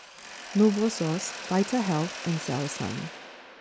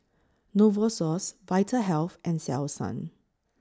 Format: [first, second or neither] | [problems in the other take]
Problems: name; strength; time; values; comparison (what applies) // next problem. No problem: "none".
second | background sound (Mechanisms); 11 dB below the speech